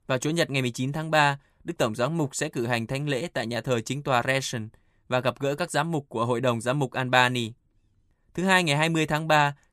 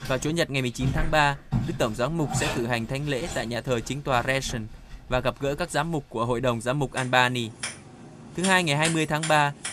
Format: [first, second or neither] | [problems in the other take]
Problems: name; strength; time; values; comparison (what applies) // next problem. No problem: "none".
first | household noises; loud; throughout; 9 dB below the speech